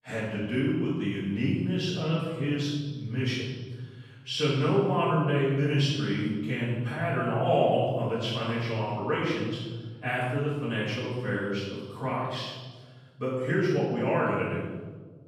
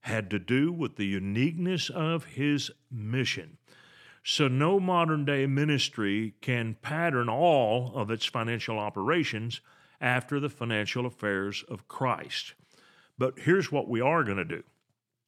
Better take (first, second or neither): second